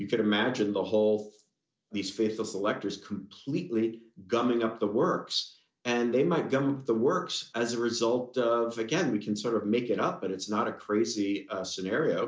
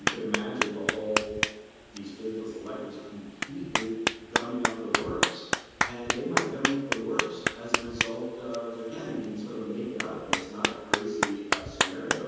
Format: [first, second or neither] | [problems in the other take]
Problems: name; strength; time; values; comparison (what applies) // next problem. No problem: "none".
first | background sound (Clapping); 3 dB above the speech // room echo; dies away in 1.2 s